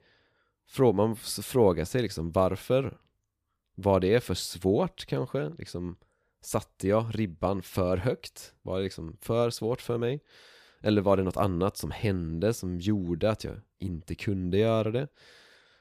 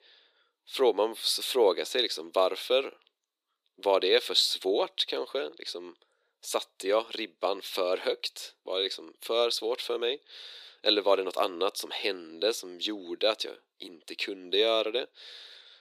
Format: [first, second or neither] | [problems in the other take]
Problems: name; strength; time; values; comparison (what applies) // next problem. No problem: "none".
first | thin; very; fading below 350 Hz